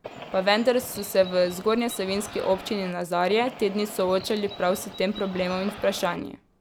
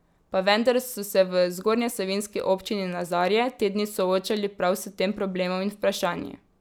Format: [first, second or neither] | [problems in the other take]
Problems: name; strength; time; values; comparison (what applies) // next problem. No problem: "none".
second | background sound (Bird); 15 dB below the speech